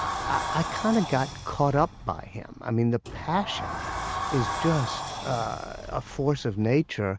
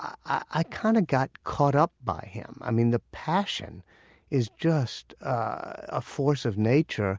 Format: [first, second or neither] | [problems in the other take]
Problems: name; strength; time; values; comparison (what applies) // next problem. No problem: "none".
second | background sound (Sliding door); 7 dB below the speech